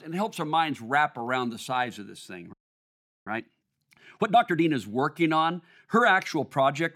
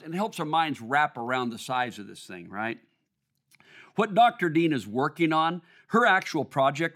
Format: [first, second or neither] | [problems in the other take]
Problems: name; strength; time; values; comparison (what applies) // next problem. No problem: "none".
second | audio freezing; at 2.5 s for 0.5 s